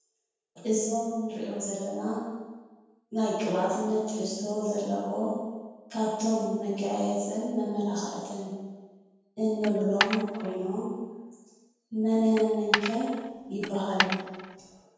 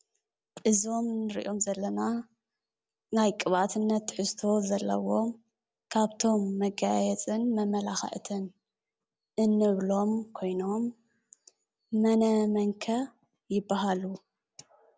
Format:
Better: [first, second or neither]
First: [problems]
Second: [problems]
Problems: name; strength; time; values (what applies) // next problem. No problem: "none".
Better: second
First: background sound (Coin (dropping)); 3 dB below the speech // room echo; dies away in 1.2 s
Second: none